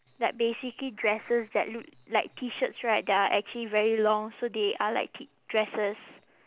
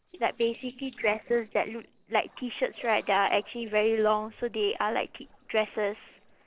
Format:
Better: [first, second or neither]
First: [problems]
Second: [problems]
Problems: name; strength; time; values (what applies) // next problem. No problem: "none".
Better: first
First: none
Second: noise reduction (neural separator model SepFormer DNS4)